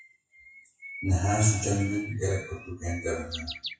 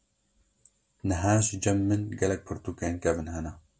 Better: second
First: noise reduction (classical method WPE with log-MMSE)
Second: none

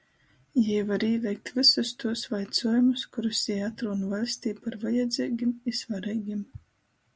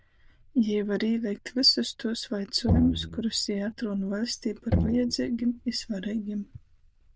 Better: first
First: none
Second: noise reduction (neural diffusion model UNIVERSE++)

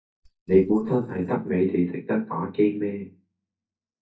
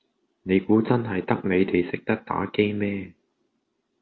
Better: second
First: noise reduction (neural mask model DeepFilterNet 3)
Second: none

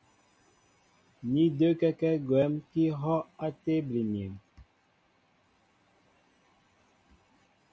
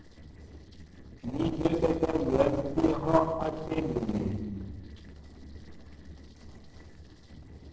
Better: first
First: none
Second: noise reduction (neural separator model SepFormer DNS4)

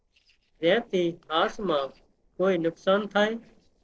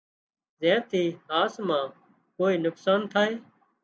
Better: second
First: noise reduction (neural separator model SepFormer DNS4)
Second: none

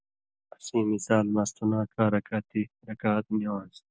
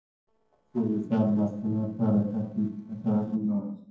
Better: first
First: none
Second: noise reduction (neural separator model SepFormer DNS4)

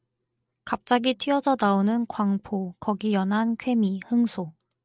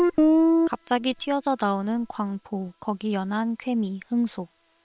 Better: first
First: none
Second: noise reduction (neural separator model SepFormer WHAM!)

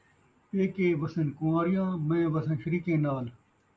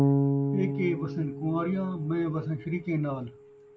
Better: first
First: none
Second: background sound (Bass guitar); as loud as the speech

